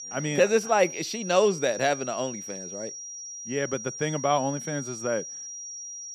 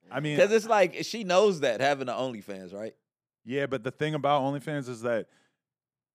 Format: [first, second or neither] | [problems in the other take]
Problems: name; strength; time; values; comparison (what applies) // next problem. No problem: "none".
second | high-pitched whine; loud; throughout; 5.5 kHz, 10 dB below the speech